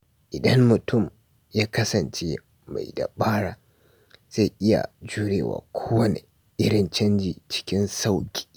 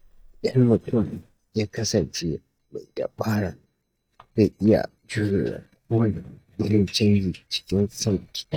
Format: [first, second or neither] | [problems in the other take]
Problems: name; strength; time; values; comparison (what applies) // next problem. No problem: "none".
first | noise reduction (neural mask model DeepFilterNet 3)